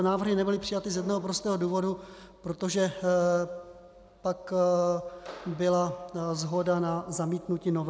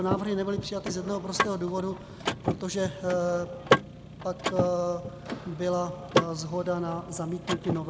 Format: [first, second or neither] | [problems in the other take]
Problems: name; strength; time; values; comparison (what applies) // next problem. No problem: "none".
first | background sound (Mechanisms / Car); 1 dB below the speech